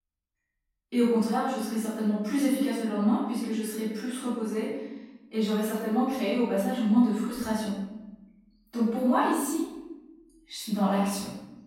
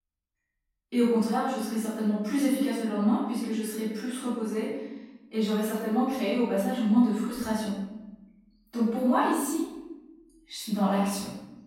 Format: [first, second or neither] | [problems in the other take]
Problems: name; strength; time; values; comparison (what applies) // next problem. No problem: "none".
neither | off-mic speech; far; the same in both // room echo; strong; dies away in 0.9 s; the same in both